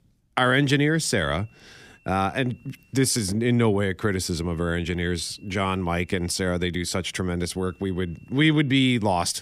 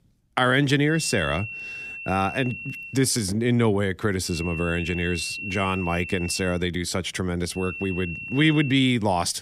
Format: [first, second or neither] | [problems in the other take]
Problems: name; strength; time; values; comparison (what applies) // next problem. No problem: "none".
first | high-pitched whine; loud; from 1 to 3 s, from 4.5 to 6.5 s and from 7.5 to 8.5 s; 2.5 kHz, 9 dB below the speech; faint in the first